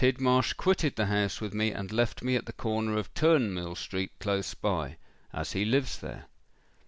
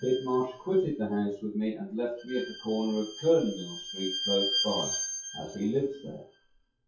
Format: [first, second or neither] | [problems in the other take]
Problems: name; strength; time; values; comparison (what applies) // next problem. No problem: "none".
first | noise reduction (classical method WPE with log-MMSE)